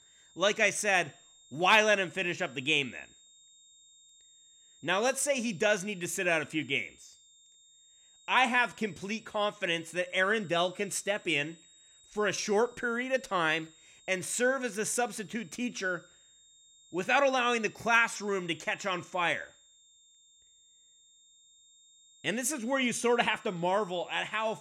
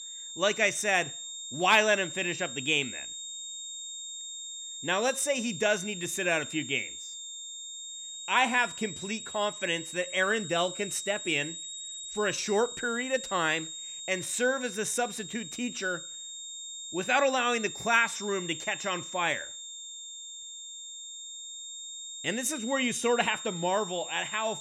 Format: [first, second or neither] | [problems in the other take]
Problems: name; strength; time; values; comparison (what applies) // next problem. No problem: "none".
first | high-pitched whine; loud; throughout; 3.5 kHz, 9 dB below the speech; faint in the first